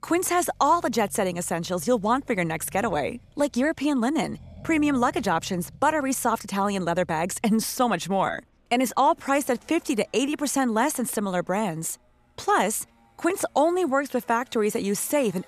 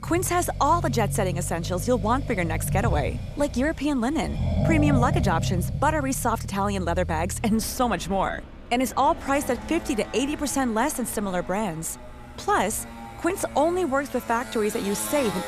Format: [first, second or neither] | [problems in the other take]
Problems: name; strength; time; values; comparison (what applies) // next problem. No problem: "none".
first | traffic noise; loud; throughout; 6 dB below the speech; faint in the first